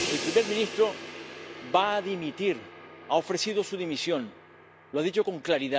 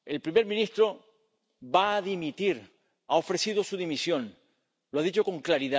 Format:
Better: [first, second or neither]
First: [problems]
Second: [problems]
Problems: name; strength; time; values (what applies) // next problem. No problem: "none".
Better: second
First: background sound (Crash cymbal); 11 dB below the speech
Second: none